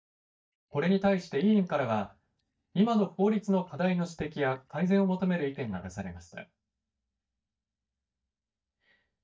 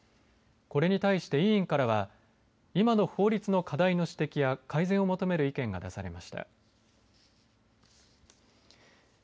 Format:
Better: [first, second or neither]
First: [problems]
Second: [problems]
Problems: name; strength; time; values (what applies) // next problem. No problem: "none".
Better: second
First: noise reduction (neural mask model DeepFilterNet 3)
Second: none